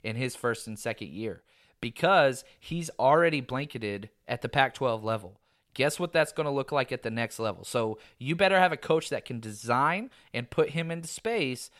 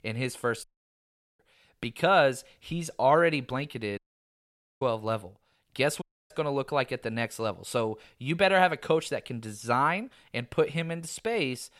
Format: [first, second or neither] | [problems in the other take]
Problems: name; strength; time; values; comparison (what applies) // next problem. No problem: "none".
first | audio cutting out; at 0.5 s for 0.5 s, at 4 s for 1 s and at 6 s